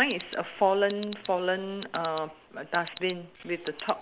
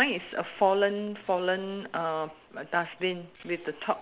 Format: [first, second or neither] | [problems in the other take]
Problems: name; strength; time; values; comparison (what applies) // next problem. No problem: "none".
second | background sound (Alarm); 17 dB below the speech